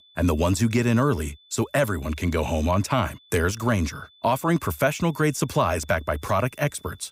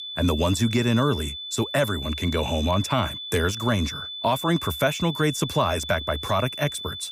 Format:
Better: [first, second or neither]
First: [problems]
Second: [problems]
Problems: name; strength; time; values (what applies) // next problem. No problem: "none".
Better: first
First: high-pitched whine; faint; throughout; 3.5 kHz, 30 dB below the speech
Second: high-pitched whine; loud; throughout; 3.5 kHz, 7 dB below the speech